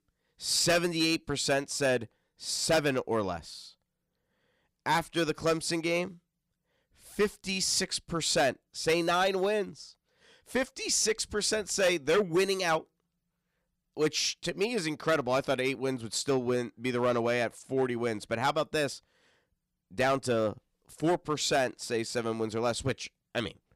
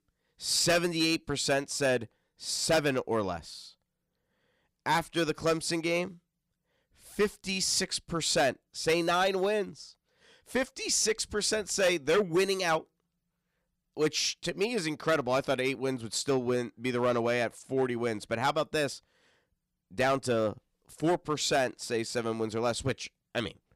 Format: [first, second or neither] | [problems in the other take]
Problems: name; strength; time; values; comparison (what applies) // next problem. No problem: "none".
neither | distortion; slight; 3% of the sound clipped; the same in both